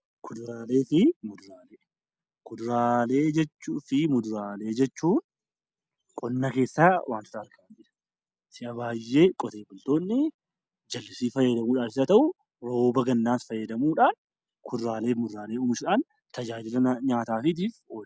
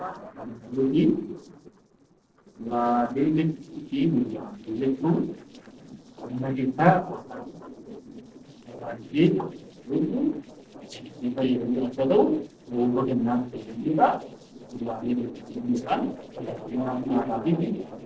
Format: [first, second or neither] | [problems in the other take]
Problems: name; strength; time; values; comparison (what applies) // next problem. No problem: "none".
first | noise reduction (neural separator model SepFormer DNS4)